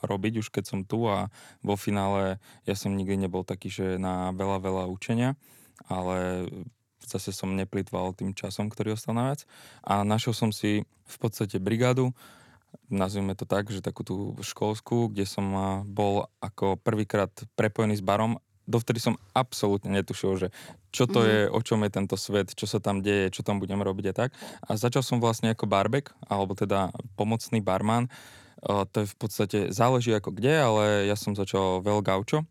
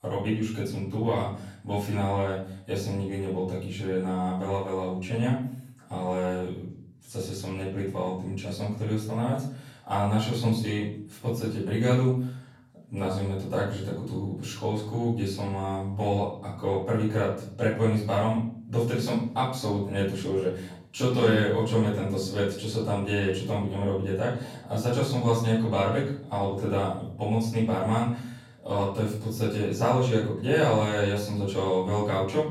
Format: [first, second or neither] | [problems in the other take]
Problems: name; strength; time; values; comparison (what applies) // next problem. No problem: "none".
first | off-mic speech; far // room echo; noticeable; dies away in 0.5 s